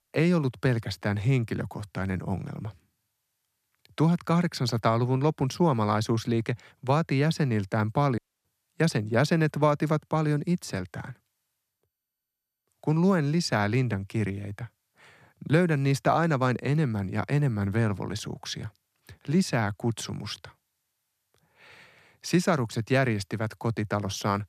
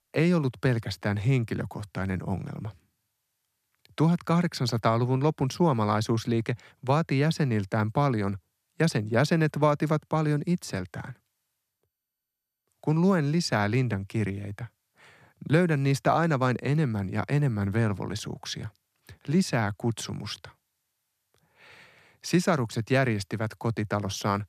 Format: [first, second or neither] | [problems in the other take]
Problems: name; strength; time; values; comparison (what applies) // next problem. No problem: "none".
second | audio cutting out; at 8 s